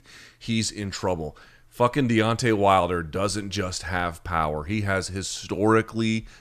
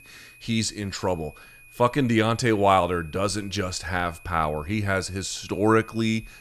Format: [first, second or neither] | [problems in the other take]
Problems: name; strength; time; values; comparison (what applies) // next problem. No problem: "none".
first | high-pitched whine; faint; throughout; 2.5 kHz, 25 dB below the speech